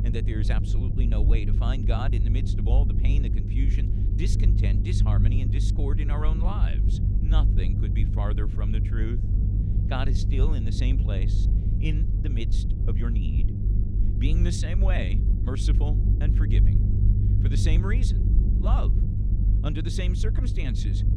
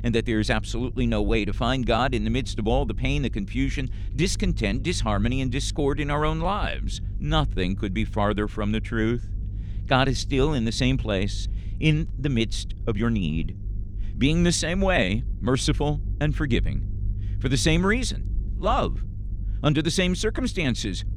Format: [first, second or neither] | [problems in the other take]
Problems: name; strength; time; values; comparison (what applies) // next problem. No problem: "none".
second | low rumble; loud; throughout; 3 dB below the speech; faint in the second